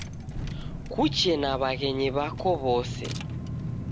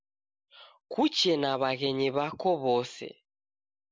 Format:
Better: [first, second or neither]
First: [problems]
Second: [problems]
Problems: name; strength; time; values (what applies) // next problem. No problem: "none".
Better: second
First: background sound (Engine / Car); 5 dB below the speech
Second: none